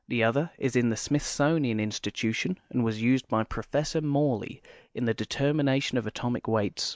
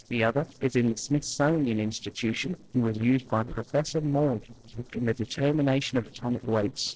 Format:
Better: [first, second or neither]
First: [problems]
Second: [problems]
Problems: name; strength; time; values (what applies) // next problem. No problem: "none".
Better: first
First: none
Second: noise reduction (neural separator model SepFormer DNS4)